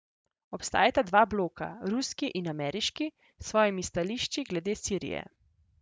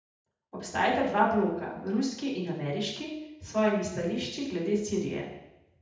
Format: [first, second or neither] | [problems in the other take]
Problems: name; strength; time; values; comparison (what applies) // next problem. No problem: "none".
first | room echo; dies away in 0.8 s